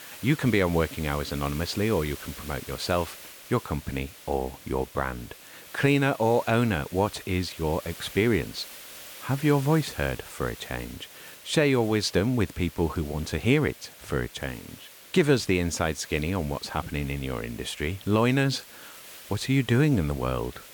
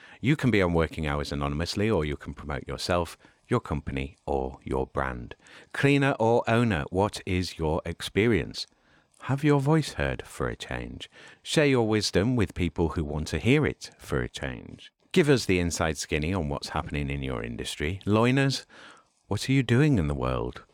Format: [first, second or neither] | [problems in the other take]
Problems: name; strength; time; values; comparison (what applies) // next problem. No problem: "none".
second | hiss; noticeable; throughout; 15 dB below the speech